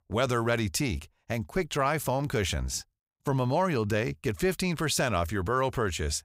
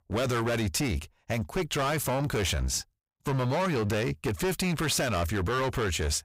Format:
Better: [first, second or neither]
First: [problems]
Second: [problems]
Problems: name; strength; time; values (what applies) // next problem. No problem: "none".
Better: first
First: none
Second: distortion; heavy; 24% of the sound clipped